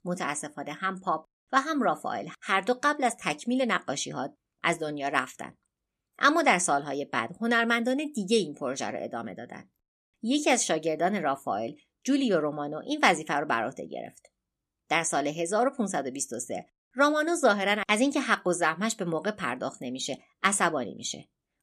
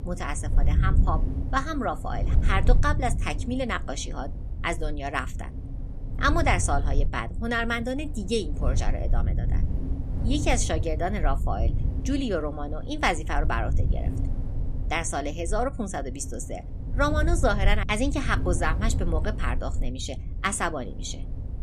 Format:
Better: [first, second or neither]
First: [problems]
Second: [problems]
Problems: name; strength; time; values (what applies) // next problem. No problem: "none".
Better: first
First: none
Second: wind noise on the microphone; occasional gusts; 15 dB below the speech